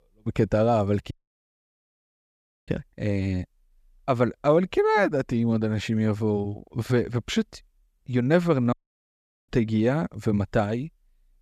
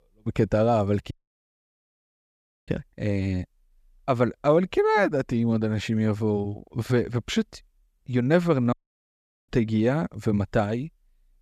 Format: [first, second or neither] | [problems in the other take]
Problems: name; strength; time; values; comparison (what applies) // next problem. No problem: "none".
neither | audio cutting out; at 1 s for 1.5 s and at 8.5 s for 1 s; the same in both